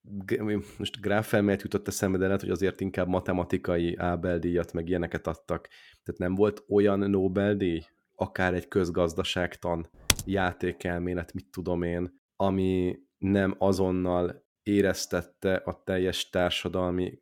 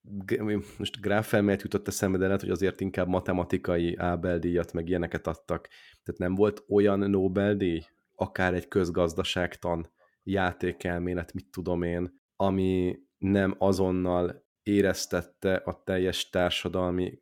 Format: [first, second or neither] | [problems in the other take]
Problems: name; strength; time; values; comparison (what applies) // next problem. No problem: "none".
second | keyboard typing; loud; at 10 s; peak 2 dB above the speech